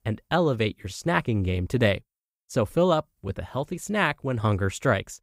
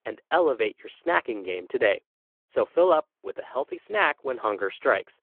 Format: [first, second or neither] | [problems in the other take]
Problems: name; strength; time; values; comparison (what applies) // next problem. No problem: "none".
first | phone-call audio